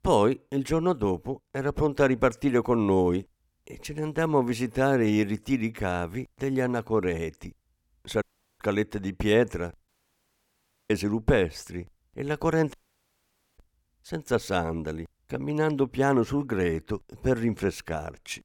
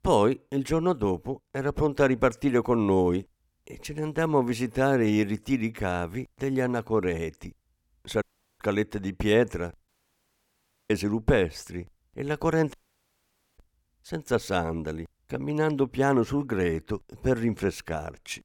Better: neither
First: audio cutting out; at 8 s, at 10 s for 1 s and at 13 s for 1 s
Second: audio cutting out; at 8 s, at 10 s for 1 s and at 13 s for 1 s

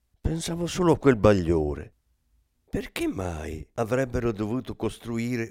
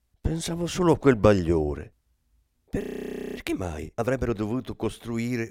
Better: first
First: none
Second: audio freezing; at 3 s for 0.5 s

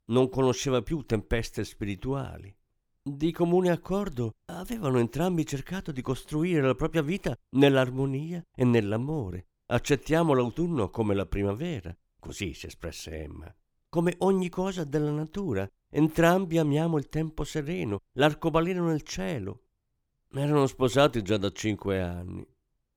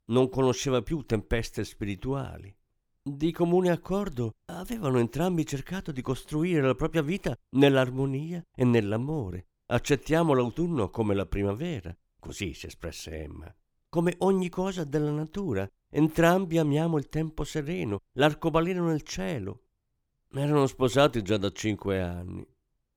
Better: neither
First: none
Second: none

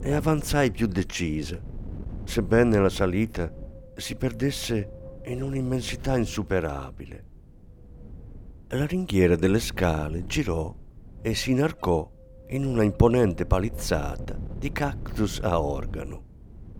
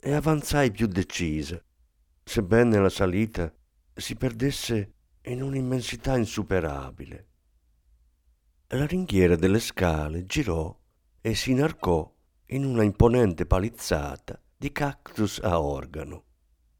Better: second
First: wind noise on the microphone; occasional gusts; 20 dB below the speech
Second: none

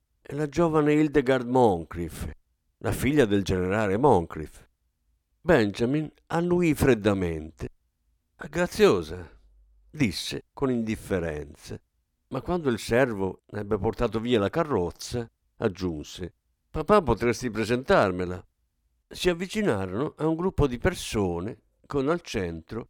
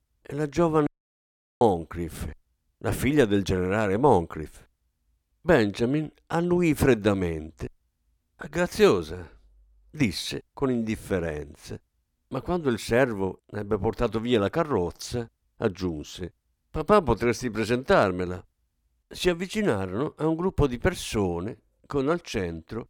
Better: first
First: none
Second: audio cutting out; at 1 s for 0.5 s

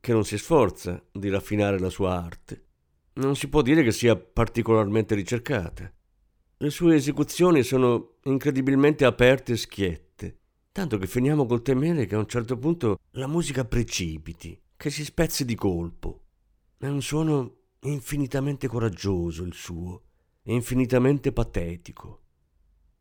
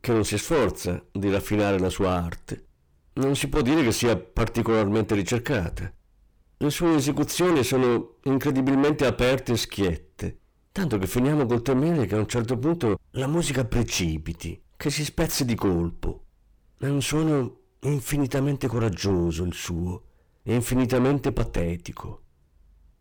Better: first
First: none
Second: distortion; heavy; 5 dB below the speech

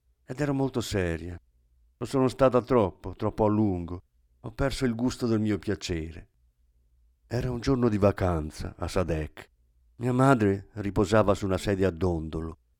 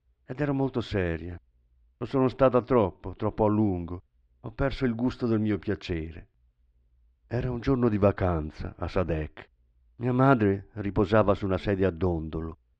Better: first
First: none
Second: muffled; slightly; fading above 3.5 kHz

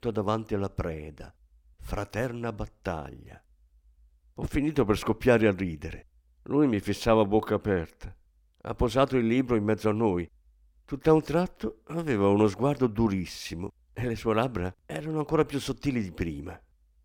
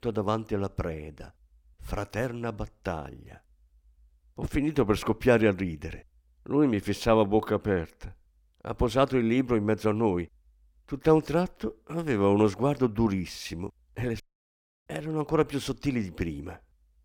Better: first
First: none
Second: audio cutting out; at 14 s for 0.5 s

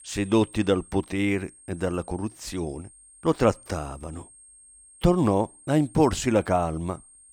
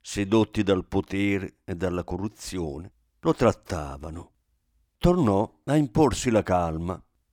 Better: second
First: high-pitched whine; faint; throughout; 8.5 kHz, 25 dB below the speech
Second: none

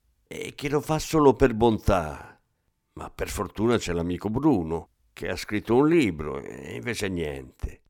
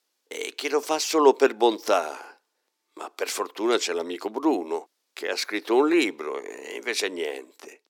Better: first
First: none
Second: thin; somewhat; fading below 300 Hz

